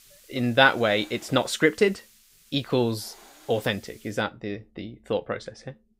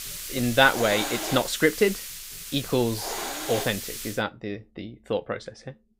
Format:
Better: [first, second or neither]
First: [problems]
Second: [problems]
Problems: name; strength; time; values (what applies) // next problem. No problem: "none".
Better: first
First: hiss; faint; until 4 s; 25 dB below the speech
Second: hiss; loud; until 4 s; 7 dB below the speech